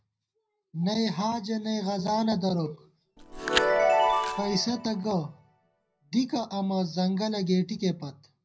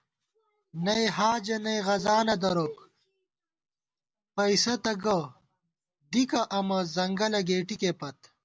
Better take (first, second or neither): second